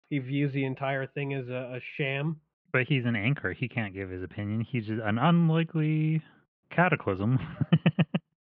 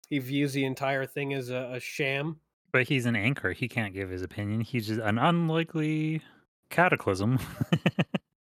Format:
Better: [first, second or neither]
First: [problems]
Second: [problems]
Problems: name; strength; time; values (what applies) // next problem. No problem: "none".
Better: second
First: muffled; very; fading above 3 kHz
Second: none